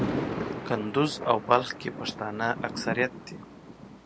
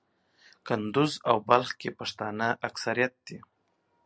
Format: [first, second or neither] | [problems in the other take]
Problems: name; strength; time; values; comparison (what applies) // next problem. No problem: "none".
second | background sound (Thunder); 6 dB below the speech